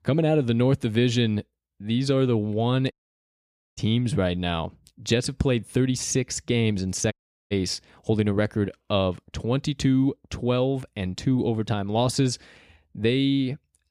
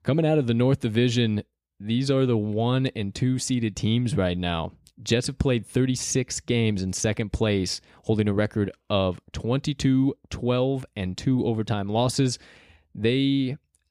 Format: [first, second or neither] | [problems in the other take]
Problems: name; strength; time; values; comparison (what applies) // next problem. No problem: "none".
second | audio cutting out; at 3 s for 1 s and at 7 s